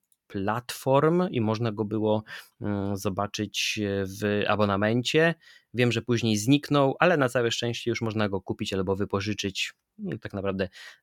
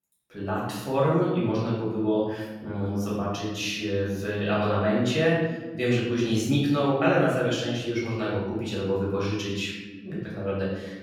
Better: first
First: none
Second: room echo; noticeable; dies away in 1.2 s // off-mic speech; far

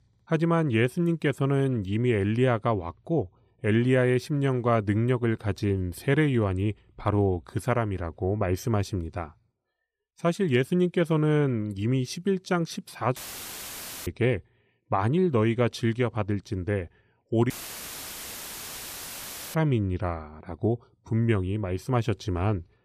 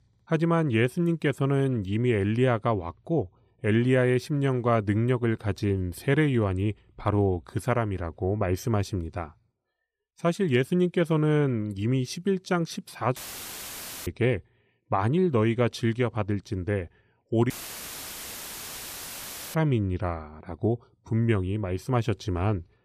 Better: neither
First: audio cutting out; filled with static; at 13 s for 1 s and at 18 s for 2 s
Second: audio cutting out; filled with static; at 13 s for 1 s and at 18 s for 2 s

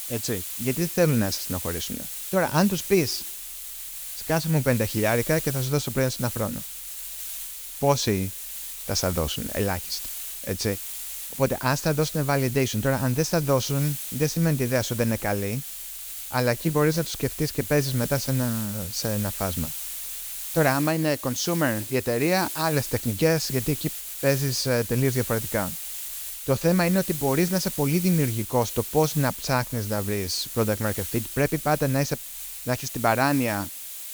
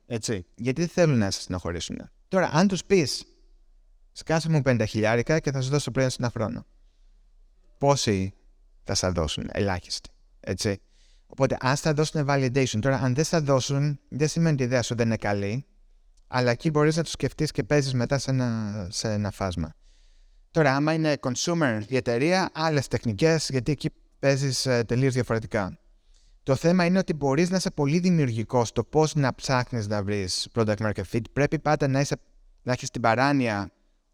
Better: second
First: hiss; loud; throughout; 7 dB below the speech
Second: none

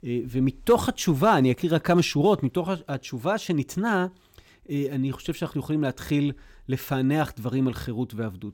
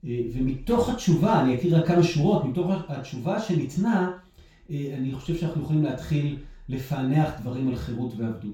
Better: first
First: none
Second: room echo; noticeable; dies away in 0.3 s // off-mic speech; far

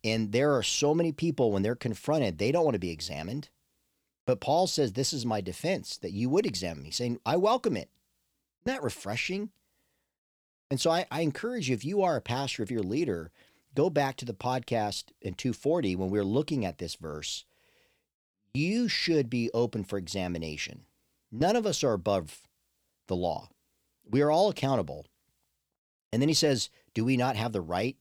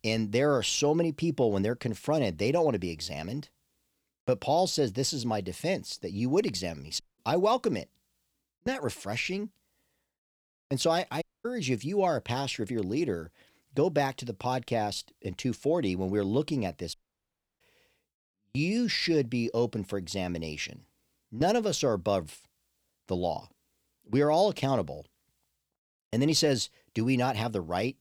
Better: first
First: none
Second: audio cutting out; at 7 s, at 11 s and at 17 s for 0.5 s

